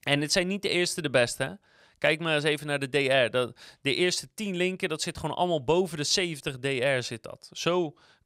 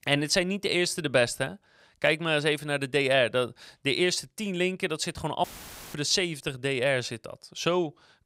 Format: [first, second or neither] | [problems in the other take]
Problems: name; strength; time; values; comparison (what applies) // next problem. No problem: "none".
first | audio cutting out; filled with static; at 5.5 s for 0.5 s